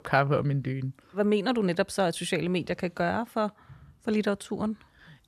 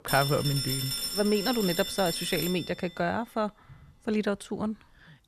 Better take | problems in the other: first | phone ringing; loud; until 2.5 s; peak level with the speech

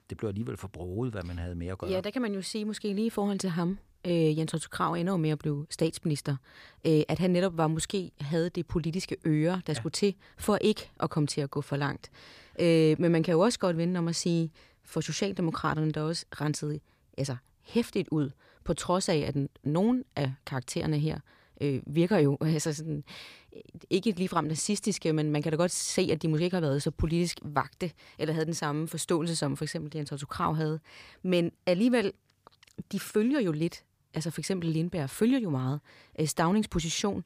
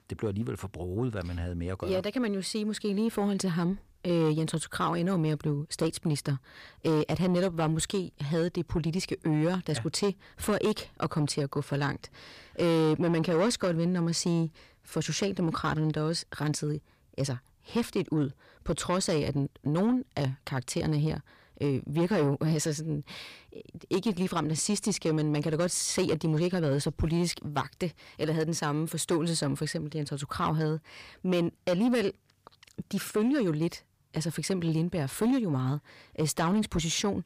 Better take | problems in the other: first | distortion; slight; 10 dB below the speech

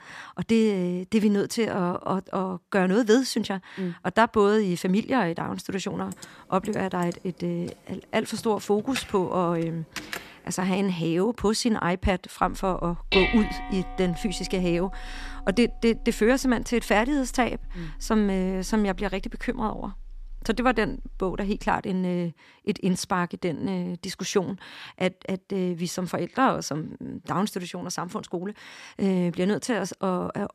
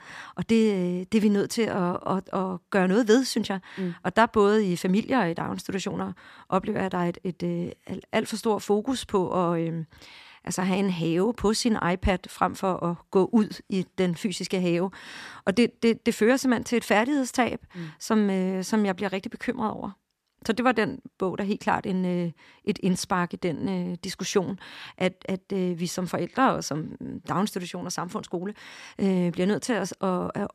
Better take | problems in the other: second | keyboard typing; noticeable; from 6 to 10 s; peak 9 dB below the speech // clattering dishes; loud; from 12 to 22 s; peak 2 dB above the speech

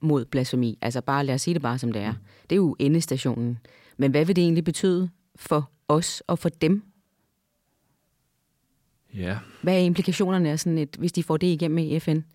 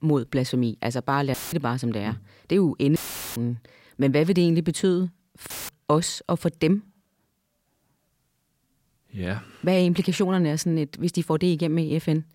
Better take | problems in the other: first | audio cutting out; filled with static; at 1.5 s, at 3 s and at 5.5 s

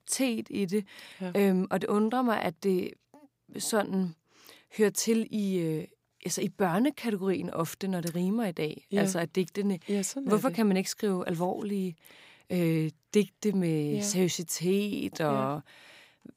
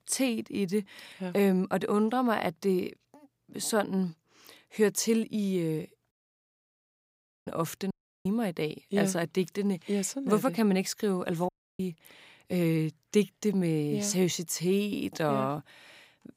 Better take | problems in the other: first | audio cutting out; at 6 s for 1.5 s, at 8 s and at 11 s

